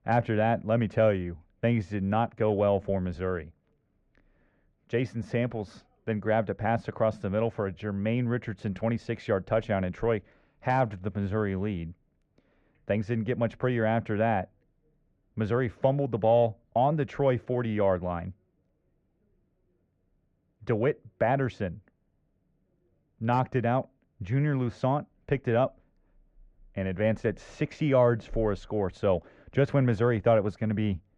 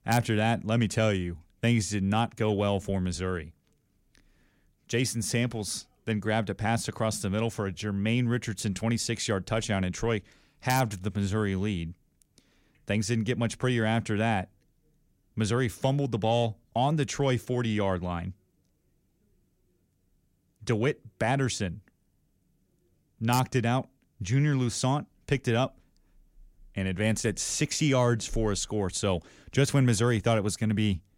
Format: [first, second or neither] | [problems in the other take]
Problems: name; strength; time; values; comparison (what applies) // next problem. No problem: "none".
second | muffled; very; fading above 1.5 kHz